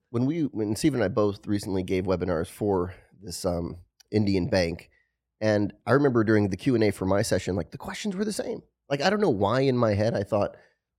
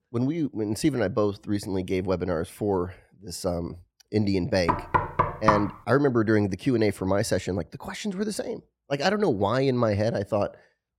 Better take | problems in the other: first | door banging; loud; at 4.5 s; peak 3 dB above the speech

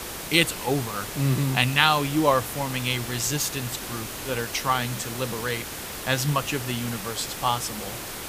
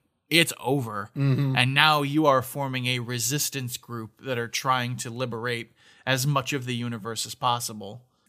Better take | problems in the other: second | hiss; loud; throughout; 8 dB below the speech

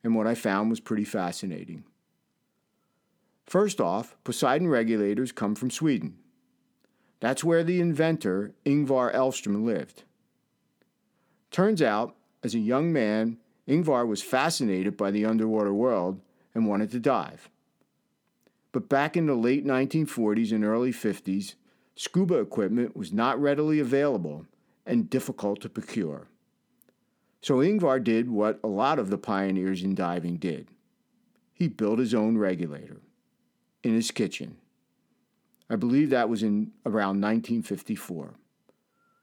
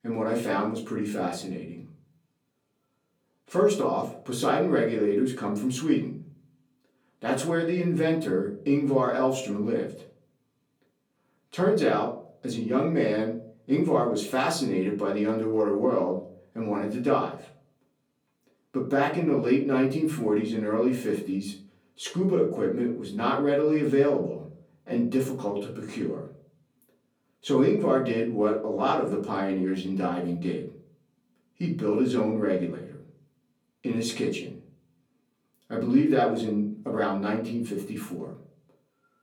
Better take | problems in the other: first | off-mic speech; far // room echo; slight; dies away in 0.5 s

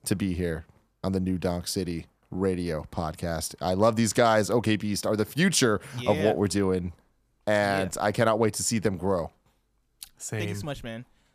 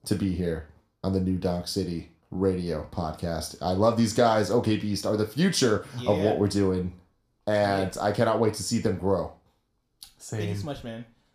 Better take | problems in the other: first | room echo; very slight; dies away in 0.4 s

